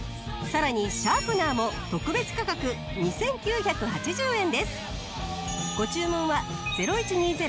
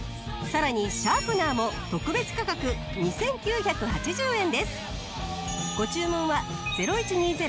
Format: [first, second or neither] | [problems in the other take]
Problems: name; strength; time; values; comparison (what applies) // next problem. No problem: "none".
first | background sound (Drum kit); 13 dB below the speech